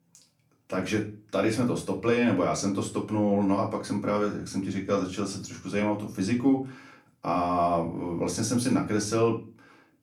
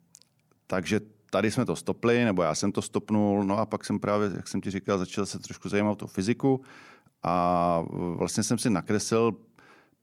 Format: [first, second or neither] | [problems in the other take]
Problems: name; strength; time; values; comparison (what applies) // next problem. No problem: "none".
second | room echo; slight; dies away in 0.3 s // off-mic speech; far